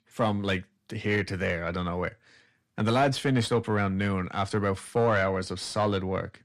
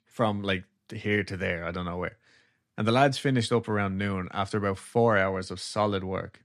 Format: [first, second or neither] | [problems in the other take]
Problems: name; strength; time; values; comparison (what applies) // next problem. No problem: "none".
second | distortion; slight; 10 dB below the speech